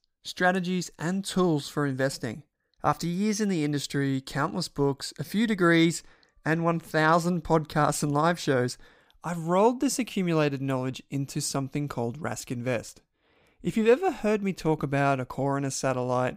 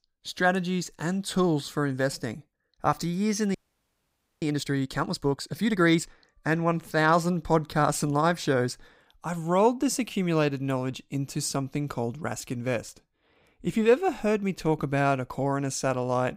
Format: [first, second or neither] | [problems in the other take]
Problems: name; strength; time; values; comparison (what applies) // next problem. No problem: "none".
first | audio freezing; at 3.5 s for 1 s